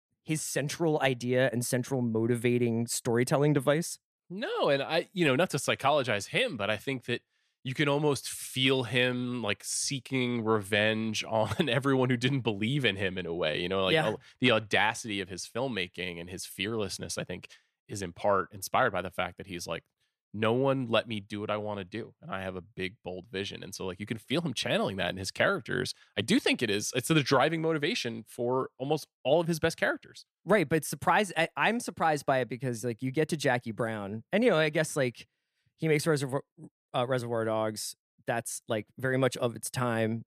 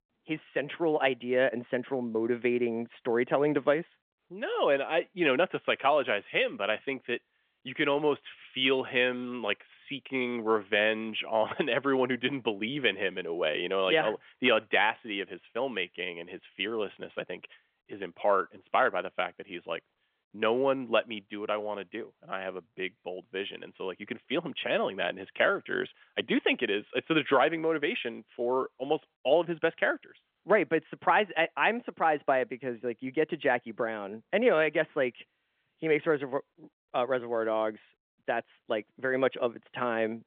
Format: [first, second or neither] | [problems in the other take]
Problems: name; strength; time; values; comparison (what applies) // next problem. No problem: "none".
first | phone-call audio; nothing above 3.5 kHz